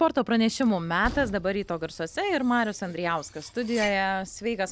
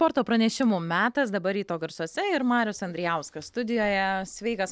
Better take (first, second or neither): second